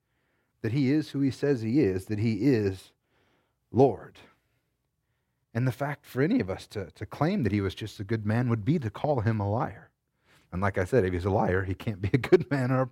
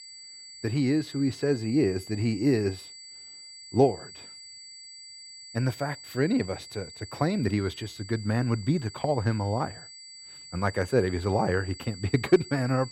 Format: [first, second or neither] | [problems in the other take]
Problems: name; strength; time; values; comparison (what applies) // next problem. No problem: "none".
first | high-pitched whine; noticeable; throughout; 4.5 kHz, 15 dB below the speech